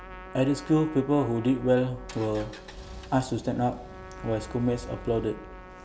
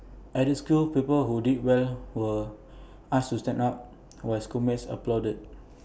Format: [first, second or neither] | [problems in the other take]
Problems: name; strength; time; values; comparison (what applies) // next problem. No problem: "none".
second | background sound (Engine + Trumpet); 16 dB below the speech